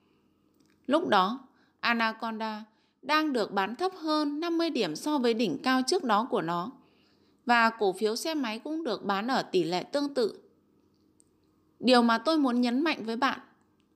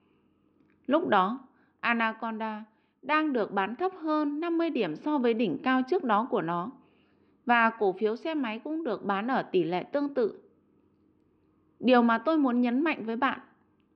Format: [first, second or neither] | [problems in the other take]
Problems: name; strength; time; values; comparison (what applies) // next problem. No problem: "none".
first | muffled; very; fading above 2.5 kHz